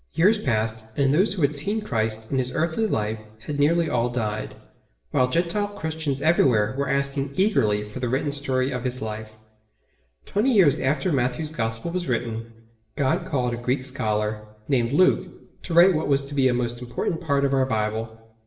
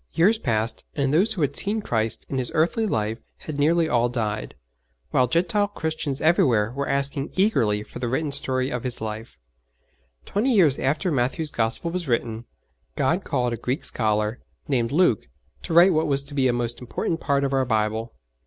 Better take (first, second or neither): second